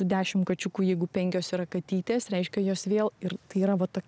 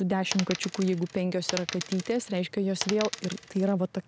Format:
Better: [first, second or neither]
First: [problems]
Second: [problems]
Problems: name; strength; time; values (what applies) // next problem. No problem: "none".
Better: first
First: none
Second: background sound (Coin (dropping)); 9 dB below the speech